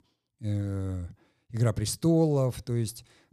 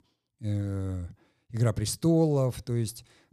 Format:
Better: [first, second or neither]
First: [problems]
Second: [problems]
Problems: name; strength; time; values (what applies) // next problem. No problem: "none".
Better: neither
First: none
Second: none